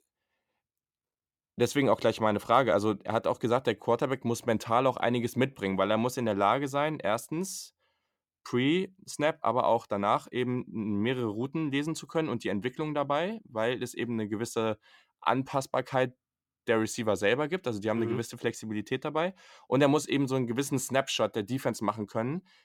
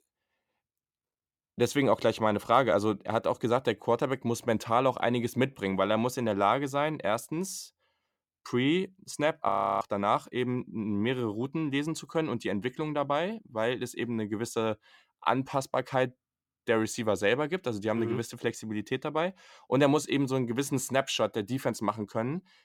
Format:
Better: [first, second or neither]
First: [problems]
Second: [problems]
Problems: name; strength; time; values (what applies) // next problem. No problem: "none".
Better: first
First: none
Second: audio freezing; at 9.5 s